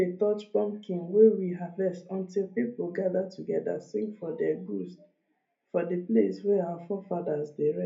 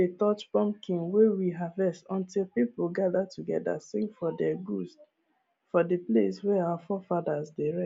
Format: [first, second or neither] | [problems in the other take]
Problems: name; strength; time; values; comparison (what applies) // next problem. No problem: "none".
second | room echo; dies away in 0.3 s